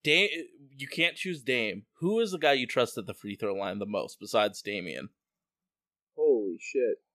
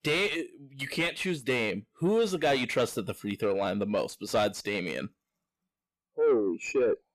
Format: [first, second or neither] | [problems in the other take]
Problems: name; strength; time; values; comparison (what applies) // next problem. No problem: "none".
first | distortion; heavy; 7 dB below the speech